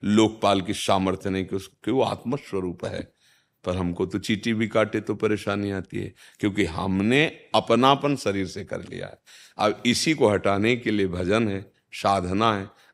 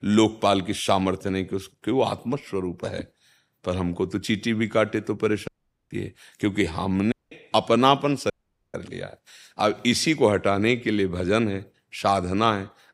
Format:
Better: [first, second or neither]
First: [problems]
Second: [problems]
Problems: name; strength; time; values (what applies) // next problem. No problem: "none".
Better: first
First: none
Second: audio cutting out; at 5.5 s, at 7 s and at 8.5 s